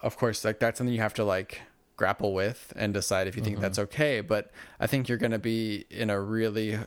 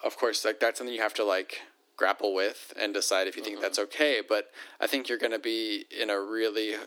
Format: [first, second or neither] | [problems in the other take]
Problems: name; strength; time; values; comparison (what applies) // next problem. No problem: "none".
first | thin; somewhat; fading below 300 Hz